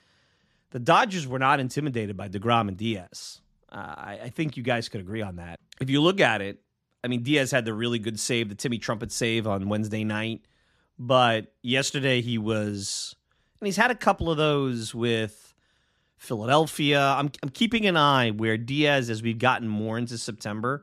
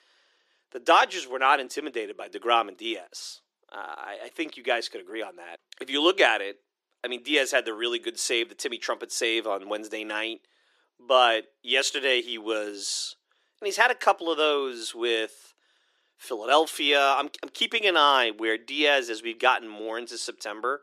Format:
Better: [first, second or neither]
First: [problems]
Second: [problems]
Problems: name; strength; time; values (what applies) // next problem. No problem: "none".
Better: first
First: none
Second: thin; very; fading below 350 Hz